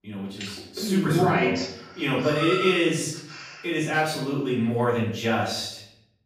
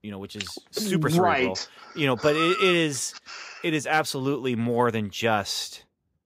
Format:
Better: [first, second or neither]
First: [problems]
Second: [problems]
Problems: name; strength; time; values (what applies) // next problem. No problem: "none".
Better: second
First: off-mic speech; far // room echo; noticeable; dies away in 0.6 s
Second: none